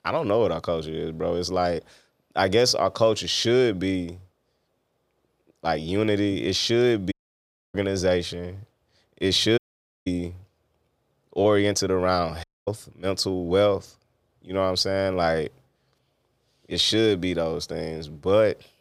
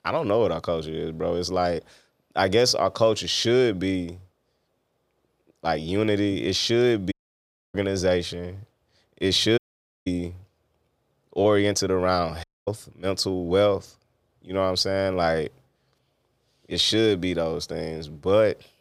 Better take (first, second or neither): neither